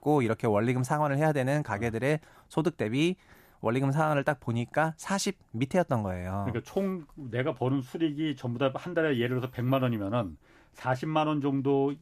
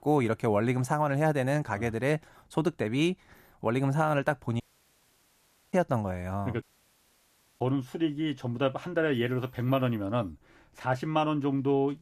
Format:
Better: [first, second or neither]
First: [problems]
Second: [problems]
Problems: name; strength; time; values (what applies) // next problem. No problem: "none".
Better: first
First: none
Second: audio cutting out; at 4.5 s for 1 s and at 6.5 s for 1 s